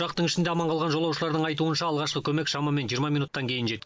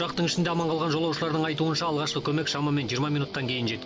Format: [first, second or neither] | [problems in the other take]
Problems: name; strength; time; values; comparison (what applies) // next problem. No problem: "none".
first | background sound (Guitar); 14 dB below the speech